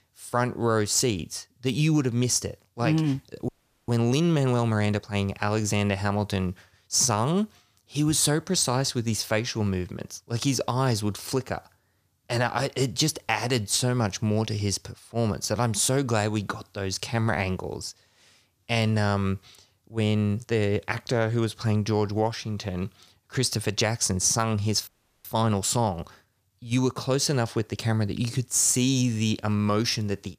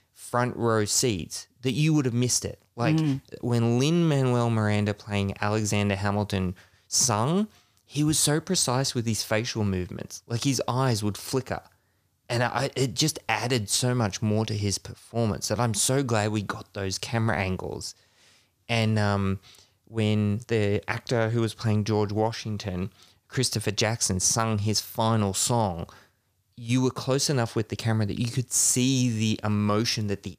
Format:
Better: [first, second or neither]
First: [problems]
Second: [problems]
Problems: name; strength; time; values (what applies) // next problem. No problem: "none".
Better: second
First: audio freezing; at 3.5 s and at 25 s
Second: none